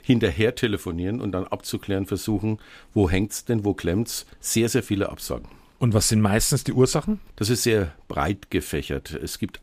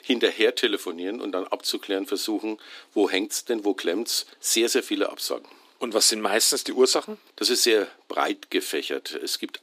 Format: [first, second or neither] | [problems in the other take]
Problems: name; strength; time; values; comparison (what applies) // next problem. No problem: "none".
first | thin; somewhat; fading below 300 Hz